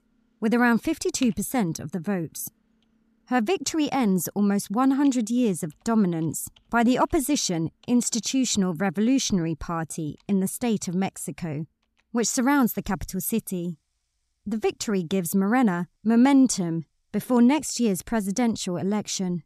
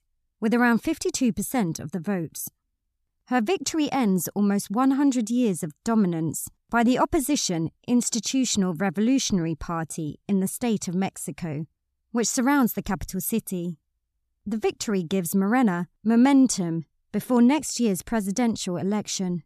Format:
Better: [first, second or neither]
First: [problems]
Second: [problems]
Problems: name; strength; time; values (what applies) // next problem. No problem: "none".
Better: second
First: household noises; faint; throughout; 25 dB below the speech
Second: none